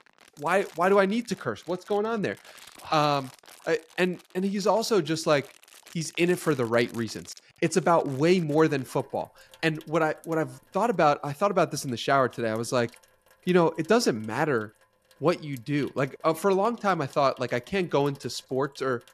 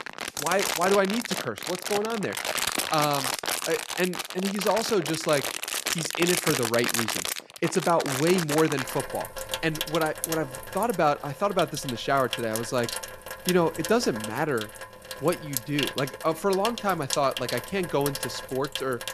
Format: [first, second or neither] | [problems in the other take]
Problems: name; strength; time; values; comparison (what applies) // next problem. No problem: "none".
first | household noises; loud; throughout; 4 dB below the speech; faint in the first